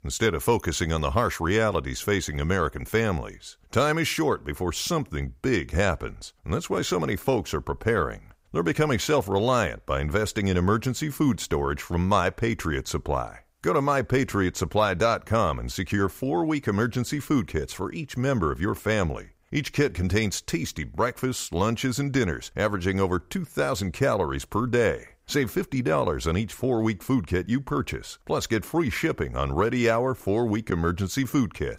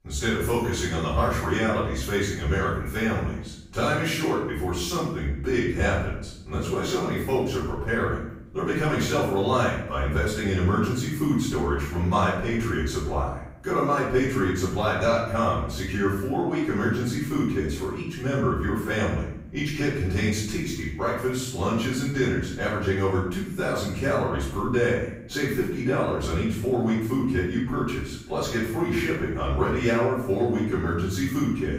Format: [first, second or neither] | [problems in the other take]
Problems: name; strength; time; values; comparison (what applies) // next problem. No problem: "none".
first | off-mic speech; far // room echo; noticeable; dies away in 0.7 s